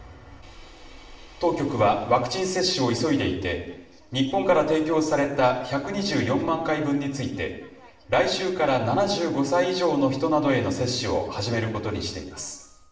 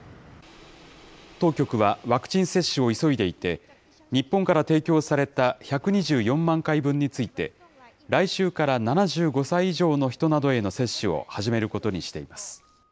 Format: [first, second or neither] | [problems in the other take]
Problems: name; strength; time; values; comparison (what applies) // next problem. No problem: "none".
second | room echo; dies away in 0.8 s